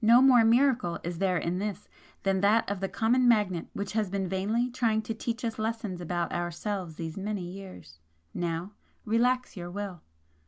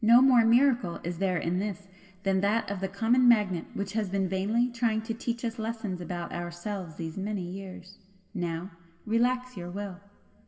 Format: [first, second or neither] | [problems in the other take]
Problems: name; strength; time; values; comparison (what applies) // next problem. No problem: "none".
first | room echo; dies away in 1.4 s